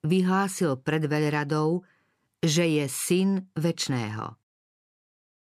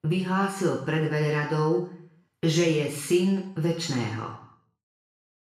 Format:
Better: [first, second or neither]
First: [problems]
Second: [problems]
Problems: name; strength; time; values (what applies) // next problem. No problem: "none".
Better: first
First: none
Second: room echo; noticeable; dies away in 0.6 s // off-mic speech; far